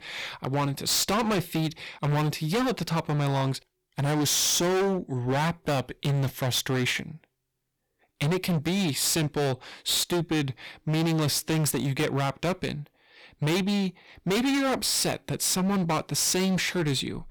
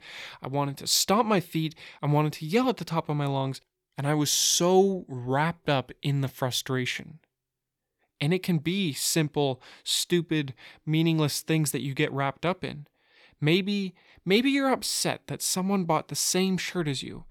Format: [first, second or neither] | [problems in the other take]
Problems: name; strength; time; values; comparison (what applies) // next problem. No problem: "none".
second | distortion; heavy; 24% of the sound clipped